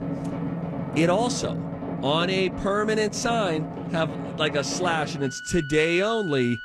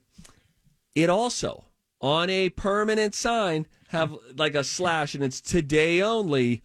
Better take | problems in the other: second | background music; loud; throughout; 7 dB below the speech

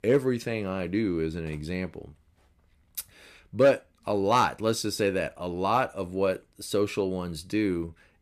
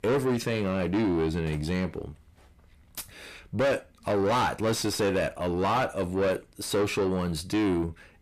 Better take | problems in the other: first | distortion; heavy; 5 dB below the speech

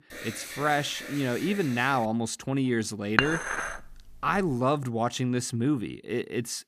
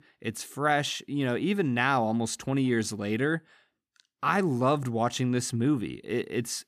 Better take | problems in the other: second | alarm; noticeable; until 2 s; peak 9 dB below the speech // clattering dishes; loud; at 3 s; peak 3 dB above the speech

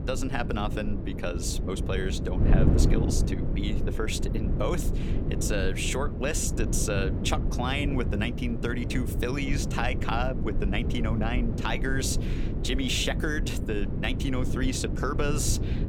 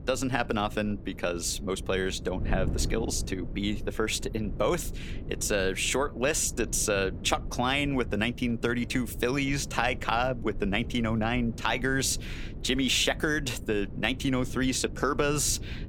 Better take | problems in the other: second | wind noise on the microphone; heavy; 7 dB below the speech; occasional gusts in the second

